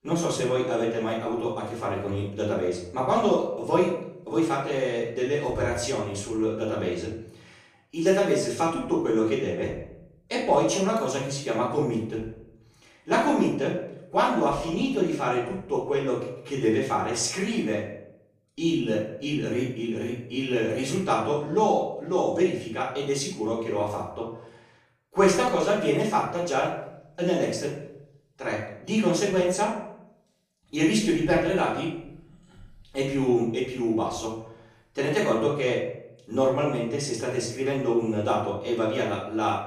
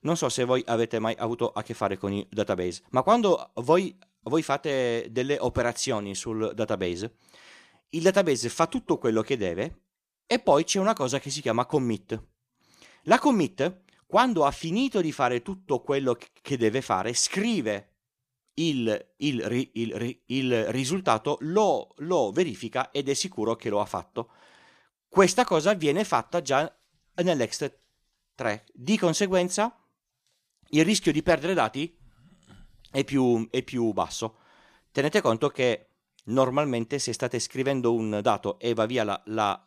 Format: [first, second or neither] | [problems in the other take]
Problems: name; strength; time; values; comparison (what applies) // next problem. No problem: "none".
second | off-mic speech; far // room echo; noticeable; dies away in 0.6 s